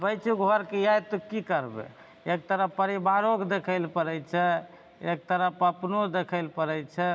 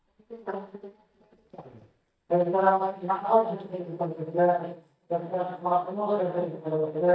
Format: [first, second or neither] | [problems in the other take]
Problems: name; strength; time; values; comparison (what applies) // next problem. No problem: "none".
first | noise reduction (neural mask model DeepFilterNet 3)